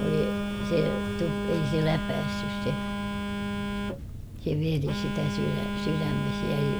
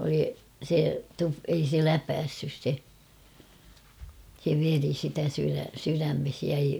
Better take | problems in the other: second | background sound (Telephone); as loud as the speech

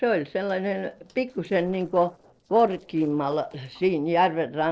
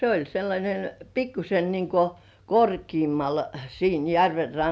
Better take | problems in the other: second | noise reduction (neural separator model SepFormer DNS4)

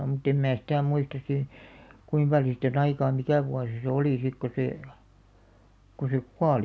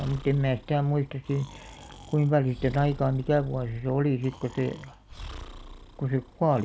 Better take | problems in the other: first | background sound (Breathing); 17 dB below the speech

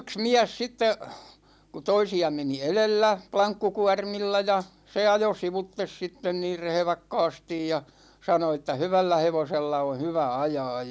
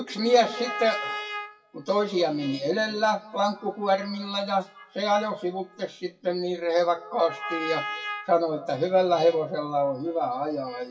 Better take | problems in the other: first | noise reduction (classical method WPE with log-MMSE)

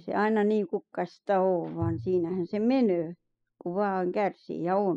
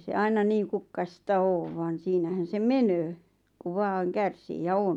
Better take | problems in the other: second | noise reduction (classical method spectral subtraction)

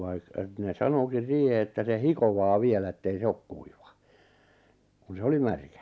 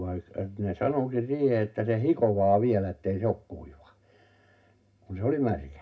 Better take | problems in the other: first | room echo; dies away in 0.2 s

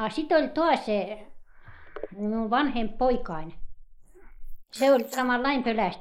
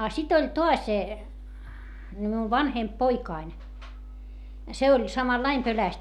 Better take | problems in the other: second | noise reduction (neural mask model Resemble Enhance denoiser)

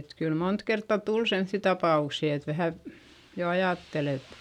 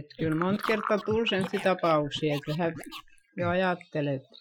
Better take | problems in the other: first | noise reduction (classical method Wiener filter)

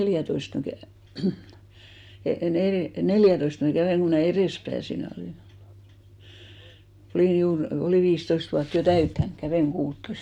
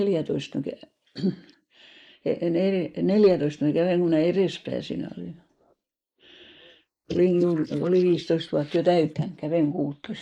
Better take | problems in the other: first | noise reduction (neural mask model Resemble Enhance denoiser)

